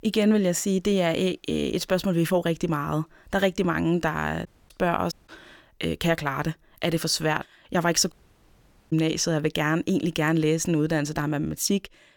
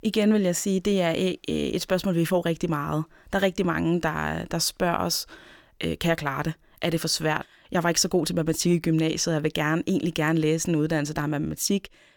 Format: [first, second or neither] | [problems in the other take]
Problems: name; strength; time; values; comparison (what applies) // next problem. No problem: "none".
second | audio cutting out; at 4.5 s, at 5 s and at 8 s for 1 s